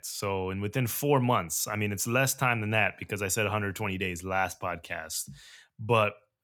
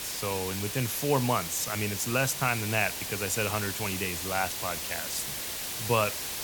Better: first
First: none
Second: hiss; loud; throughout; 3 dB below the speech

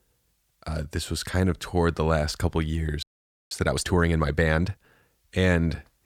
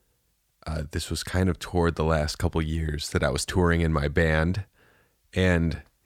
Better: second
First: audio freezing; at 3 s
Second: none

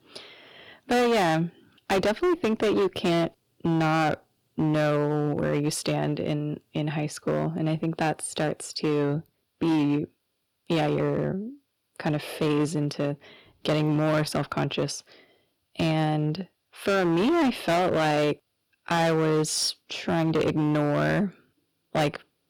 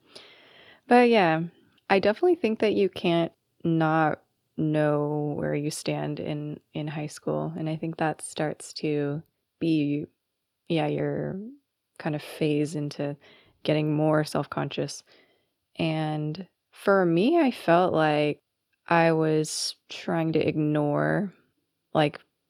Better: second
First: distortion; heavy; 13% of the sound clipped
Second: none

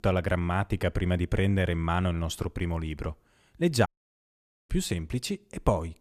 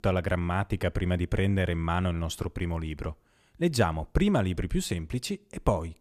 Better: second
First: audio cutting out; at 4 s for 1 s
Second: none

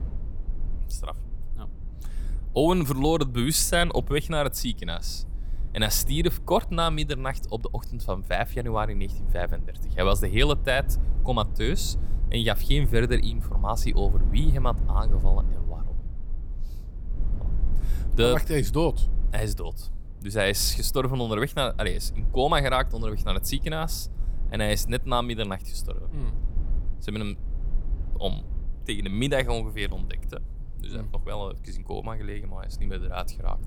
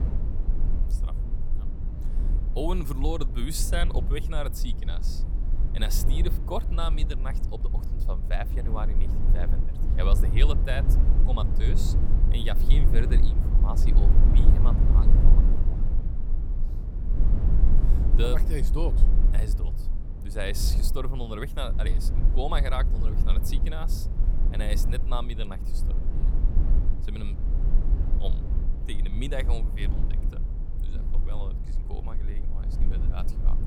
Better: first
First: low rumble; faint; throughout; 25 dB below the speech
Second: low rumble; loud; throughout; 7 dB below the speech

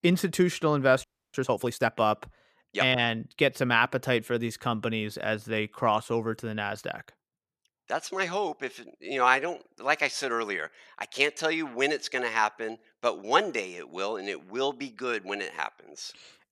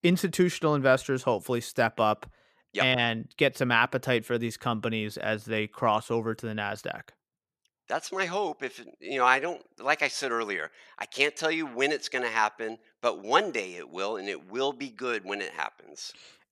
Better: second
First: audio freezing; at 1 s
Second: none

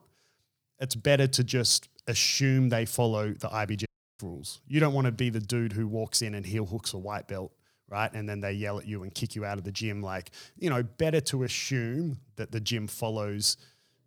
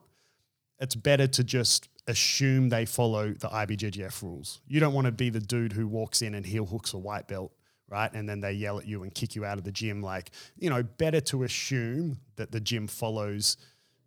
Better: second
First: audio cutting out; at 4 s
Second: none

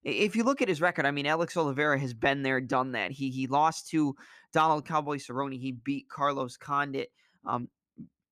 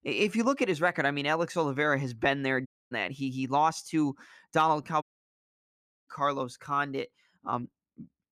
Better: first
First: none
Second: audio cutting out; at 2.5 s and at 5 s for 1 s

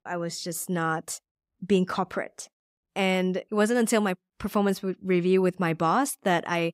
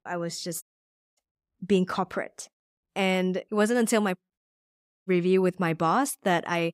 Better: first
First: none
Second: audio cutting out; at 0.5 s for 0.5 s and at 4.5 s for 0.5 s

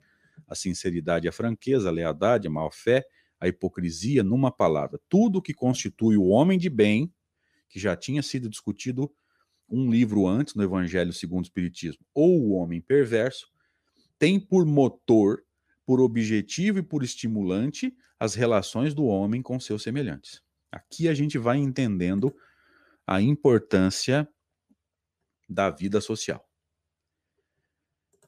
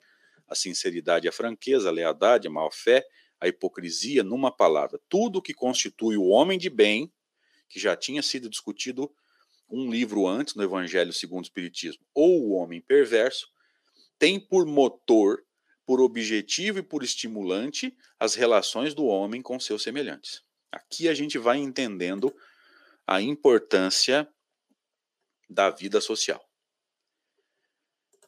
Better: first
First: none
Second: thin; somewhat; fading below 350 Hz

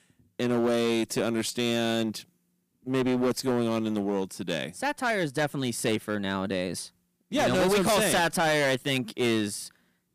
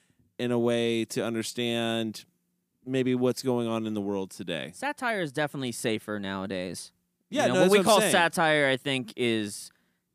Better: second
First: distortion; heavy; 13% of the sound clipped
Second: none

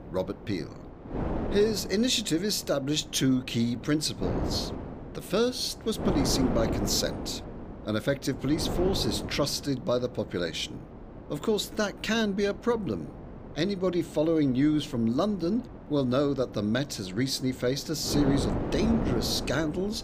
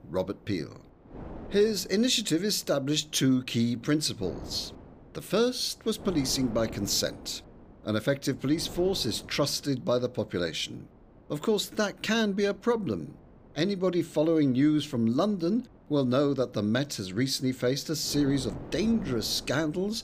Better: second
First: wind noise on the microphone; heavy; 10 dB below the speech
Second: wind noise on the microphone; occasional gusts; 20 dB below the speech

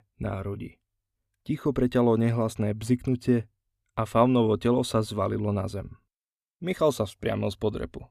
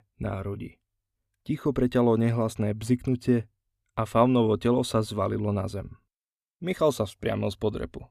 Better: neither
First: none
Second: none

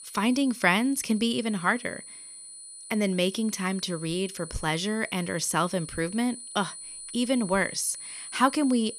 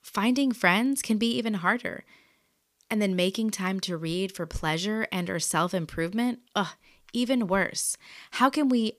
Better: second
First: high-pitched whine; noticeable; throughout; 9.5 kHz, 10 dB below the speech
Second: none

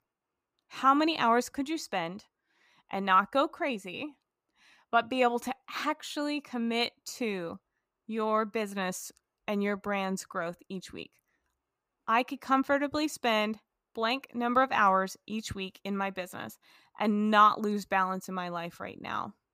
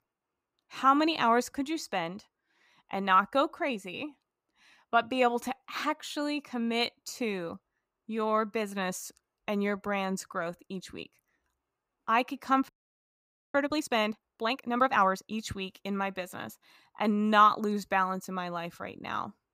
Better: first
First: none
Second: audio freezing; at 13 s for 1 s

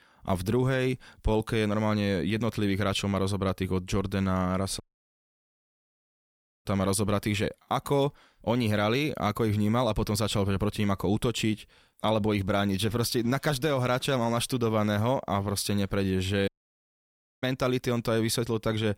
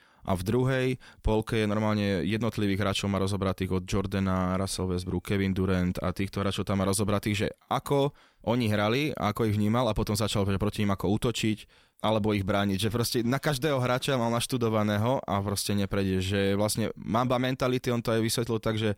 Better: second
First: audio cutting out; at 5 s for 2 s and at 16 s for 1 s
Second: none

